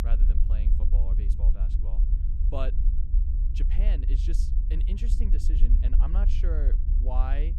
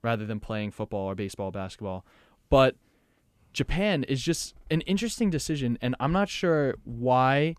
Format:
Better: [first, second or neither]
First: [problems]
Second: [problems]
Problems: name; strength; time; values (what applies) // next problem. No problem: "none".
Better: second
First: low rumble; loud; throughout; 5 dB below the speech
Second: none